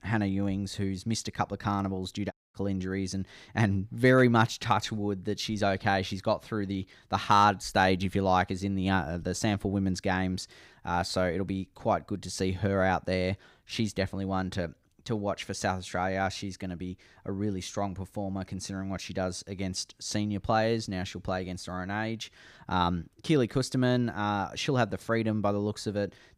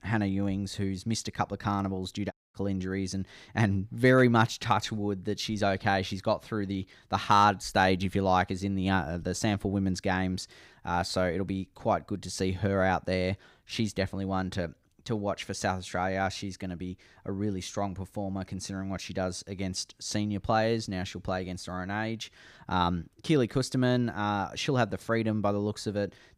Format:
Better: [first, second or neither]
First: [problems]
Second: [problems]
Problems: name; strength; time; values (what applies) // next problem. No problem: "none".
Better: neither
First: audio cutting out; at 2.5 s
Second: audio cutting out; at 2.5 s